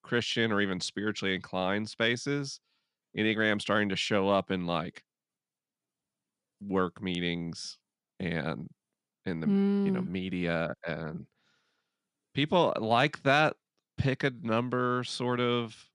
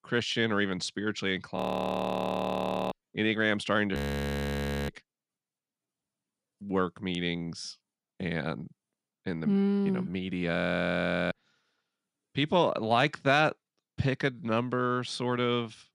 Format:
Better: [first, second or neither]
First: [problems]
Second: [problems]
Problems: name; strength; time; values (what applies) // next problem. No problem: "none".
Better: first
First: none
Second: audio freezing; at 1.5 s for 1.5 s, at 4 s for 1 s and at 11 s for 1 s